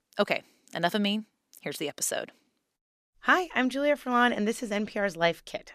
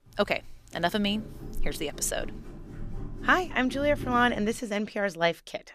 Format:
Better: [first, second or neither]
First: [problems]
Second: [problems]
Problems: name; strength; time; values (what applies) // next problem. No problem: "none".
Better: first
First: none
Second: footsteps; noticeable; until 4.5 s; peak 9 dB below the speech